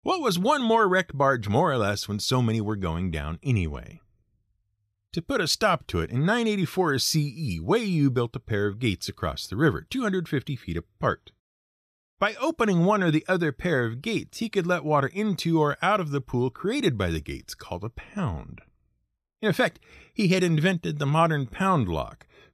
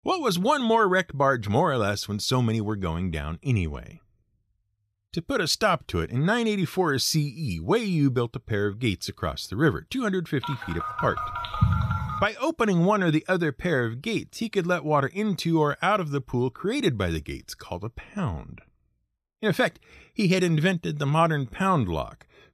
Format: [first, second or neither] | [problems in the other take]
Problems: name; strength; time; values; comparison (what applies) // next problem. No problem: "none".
first | phone ringing; loud; from 10 to 12 s; peak 2 dB above the speech